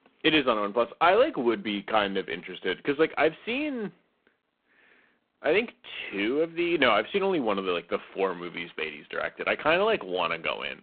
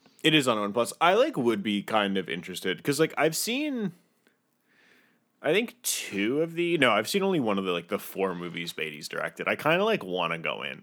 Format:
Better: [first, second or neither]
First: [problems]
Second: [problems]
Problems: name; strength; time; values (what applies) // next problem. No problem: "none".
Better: second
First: phone-call audio; poor line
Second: none